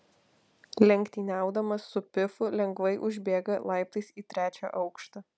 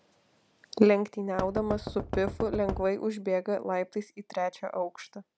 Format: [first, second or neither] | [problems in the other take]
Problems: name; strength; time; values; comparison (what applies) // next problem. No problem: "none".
first | background sound (Knock); 6 dB below the speech